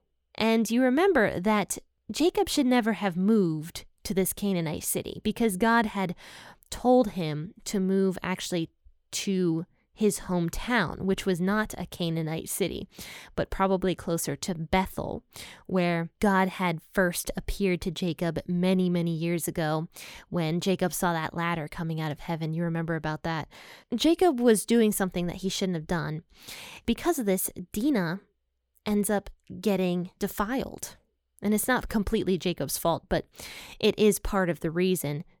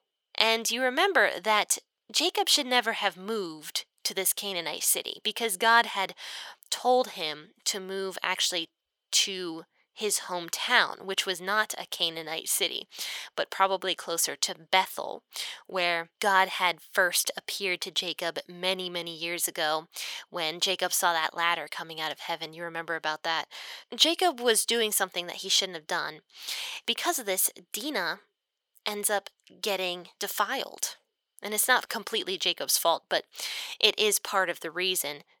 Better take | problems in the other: first | thin; very; fading below 700 Hz

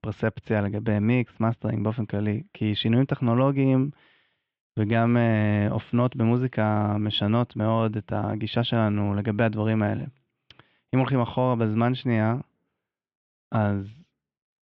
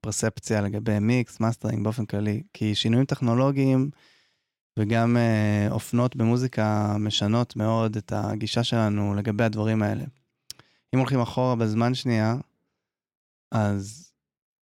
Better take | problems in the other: second | muffled; very; fading above 3.5 kHz

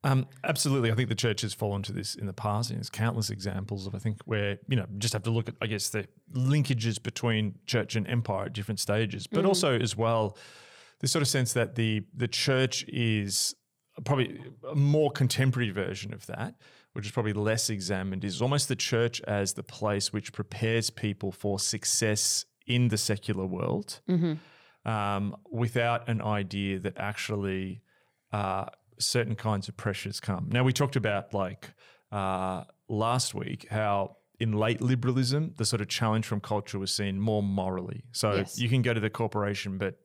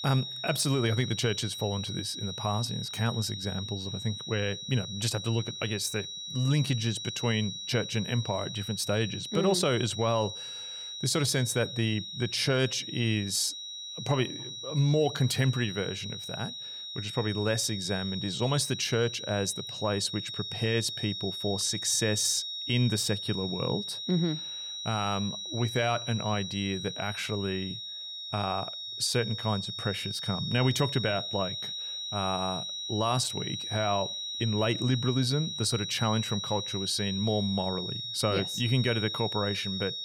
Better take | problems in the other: first | high-pitched whine; loud; throughout; 4 kHz, 5 dB below the speech

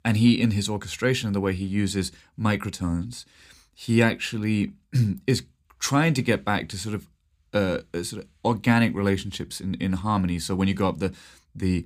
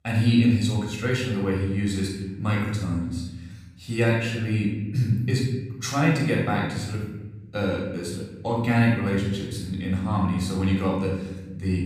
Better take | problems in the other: first | off-mic speech; far // room echo; noticeable; dies away in 1.2 s

